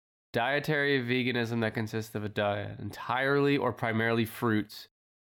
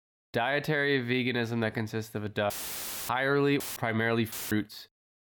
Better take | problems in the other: first | audio cutting out; filled with static; at 2.5 s for 0.5 s, at 3.5 s and at 4.5 s

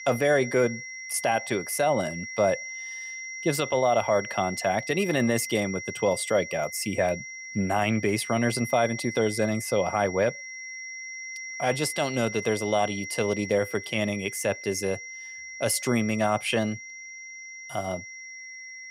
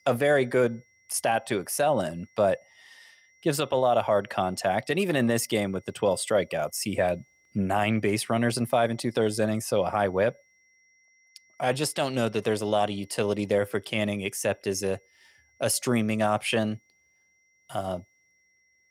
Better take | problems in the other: second | high-pitched whine; loud; throughout; 2 kHz, 10 dB below the speech; faint in the second

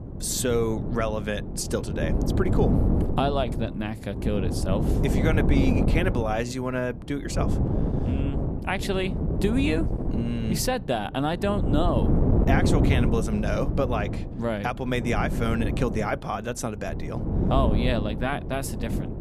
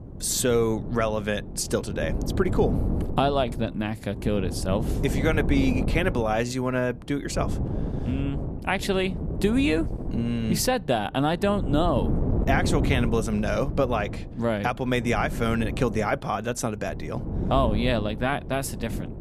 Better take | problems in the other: second | wind noise on the microphone; heavy; 5 dB below the speech; occasional gusts in the second

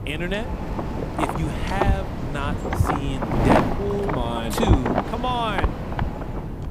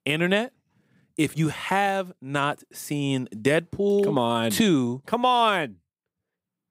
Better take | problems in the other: second | wind noise on the microphone; heavy; 2 dB above the speech

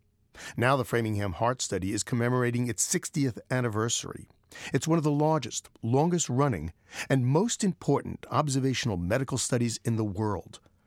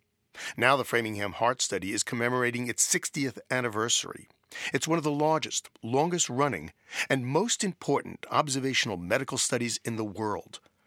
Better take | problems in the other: first | thin; very slightly; fading below 800 Hz

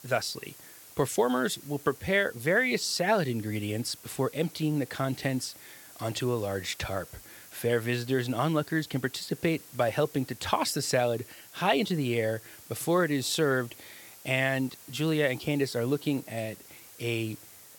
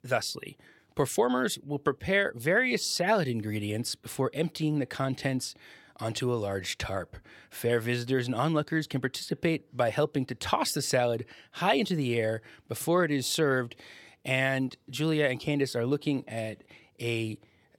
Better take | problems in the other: second | hiss; noticeable; throughout; 20 dB below the speech

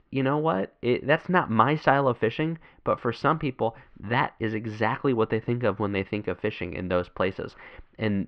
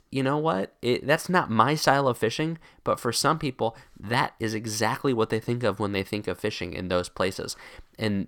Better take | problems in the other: second | muffled; very; fading above 2.5 kHz

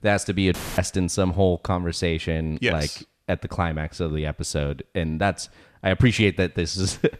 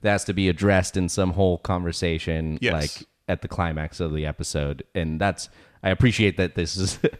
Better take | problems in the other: second | audio cutting out; filled with static; at 0.5 s

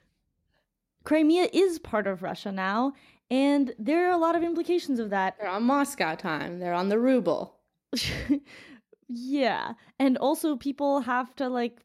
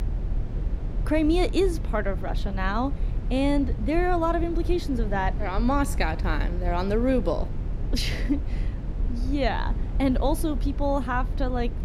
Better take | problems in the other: first | low rumble; noticeable; throughout; 15 dB below the speech

